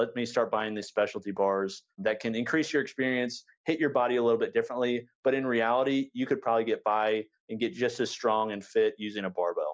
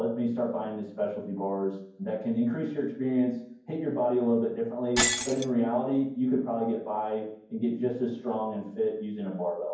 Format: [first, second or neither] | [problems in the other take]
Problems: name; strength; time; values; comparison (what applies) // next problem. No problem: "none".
first | background sound (Shatter); 10 dB below the speech // room echo; dies away in 0.9 s